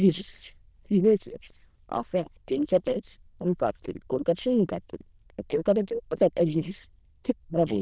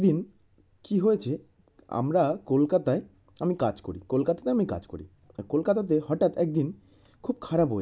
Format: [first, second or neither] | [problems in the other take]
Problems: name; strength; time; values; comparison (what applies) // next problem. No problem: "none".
second | noise reduction (neural diffusion model UNIVERSE++)